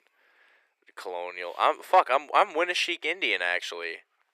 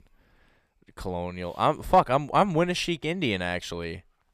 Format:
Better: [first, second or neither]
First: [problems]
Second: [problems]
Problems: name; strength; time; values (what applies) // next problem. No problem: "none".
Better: second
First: thin; very; fading below 350 Hz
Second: none